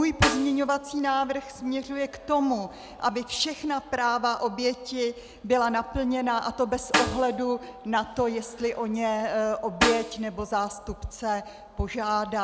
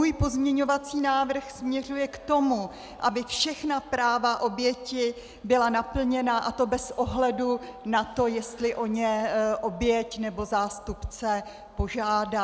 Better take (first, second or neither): second